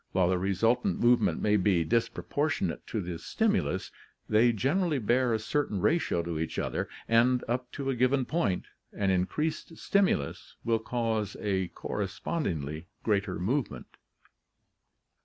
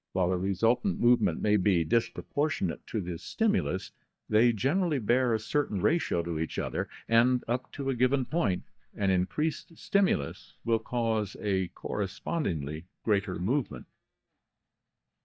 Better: first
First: none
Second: noise reduction (neural mask model DeepFilterNet 3)

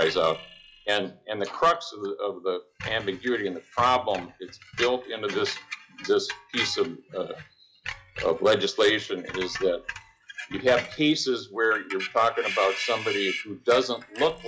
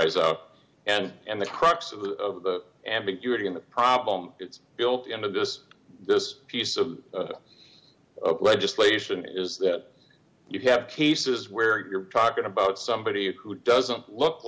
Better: second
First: noise reduction (classical method log-MMSE)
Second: none

